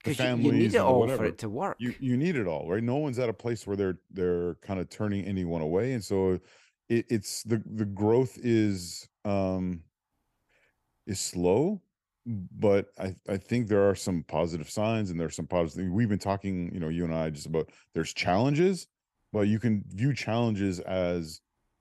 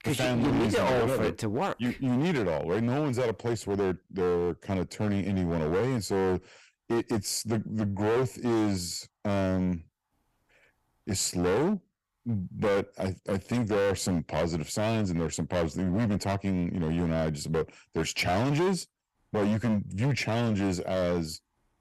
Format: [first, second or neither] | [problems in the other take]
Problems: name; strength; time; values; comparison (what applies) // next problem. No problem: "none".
first | distortion; heavy; 16% of the sound clipped